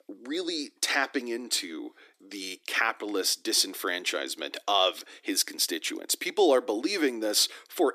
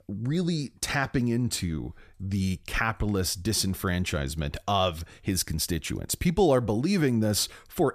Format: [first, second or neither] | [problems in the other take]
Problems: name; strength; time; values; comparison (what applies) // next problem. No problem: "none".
second | thin; somewhat; fading below 300 Hz